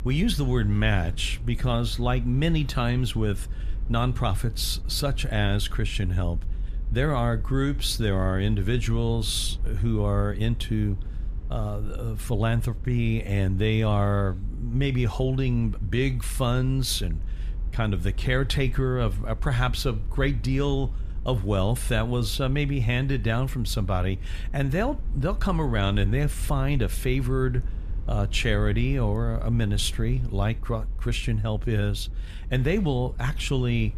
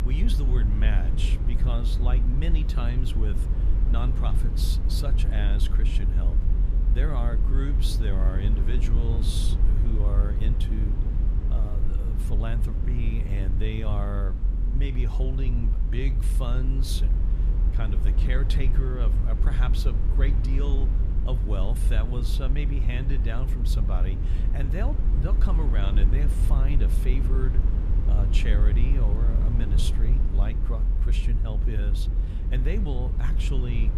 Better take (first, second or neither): first